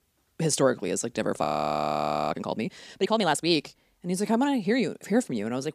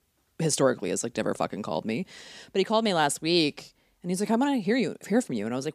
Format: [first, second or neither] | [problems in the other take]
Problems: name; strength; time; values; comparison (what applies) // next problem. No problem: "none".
second | audio freezing; at 1.5 s for 1 s